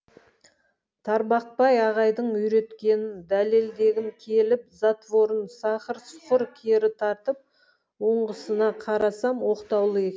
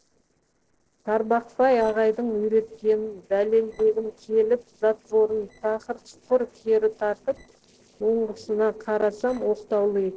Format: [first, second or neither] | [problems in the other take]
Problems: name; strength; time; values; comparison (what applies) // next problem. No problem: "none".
first | noise reduction (neural separator model SepFormer DNS4)